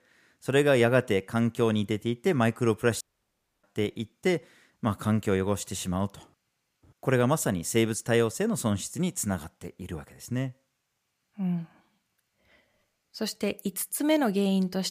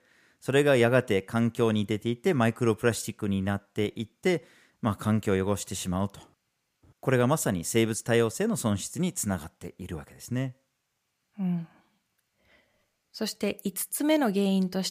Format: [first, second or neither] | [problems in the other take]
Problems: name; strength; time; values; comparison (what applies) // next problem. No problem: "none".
second | audio cutting out; at 3 s for 0.5 s